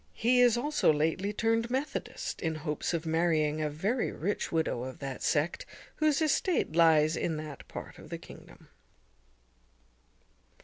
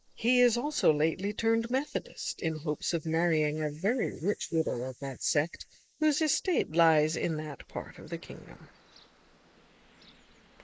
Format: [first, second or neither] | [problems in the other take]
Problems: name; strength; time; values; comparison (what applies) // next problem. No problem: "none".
first | noise reduction (neural mask model Resemble Enhance denoiser)